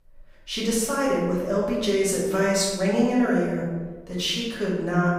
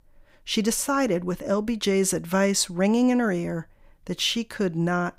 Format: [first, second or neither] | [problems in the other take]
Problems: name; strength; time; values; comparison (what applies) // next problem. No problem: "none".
second | room echo; noticeable; dies away in 1.1 s // off-mic speech; far